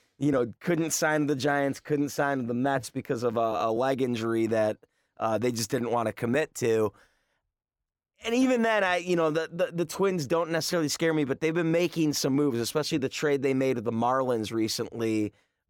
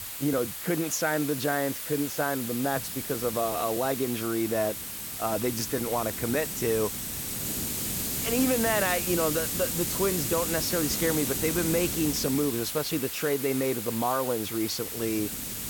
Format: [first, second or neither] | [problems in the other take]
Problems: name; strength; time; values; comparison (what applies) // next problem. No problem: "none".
first | hiss; loud; throughout; 2 dB below the speech